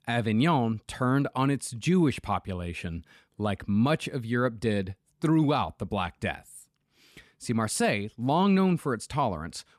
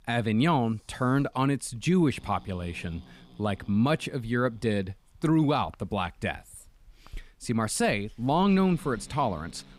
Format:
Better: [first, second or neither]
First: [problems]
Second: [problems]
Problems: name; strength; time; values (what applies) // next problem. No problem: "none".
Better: first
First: none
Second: hiss; faint; throughout; 25 dB below the speech